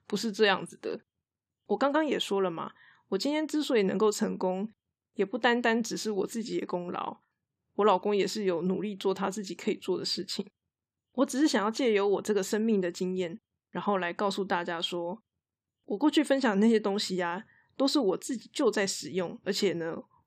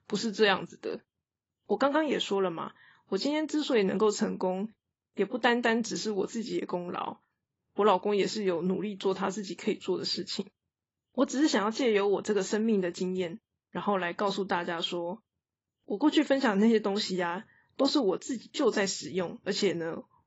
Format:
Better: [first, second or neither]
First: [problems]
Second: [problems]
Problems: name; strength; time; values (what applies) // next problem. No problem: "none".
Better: first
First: none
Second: garbled, watery; badly; nothing above 7.5 kHz